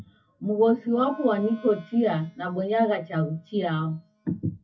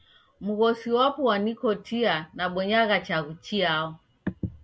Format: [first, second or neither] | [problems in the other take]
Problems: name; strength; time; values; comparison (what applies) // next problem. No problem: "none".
second | noise reduction (classical method WPE with log-MMSE)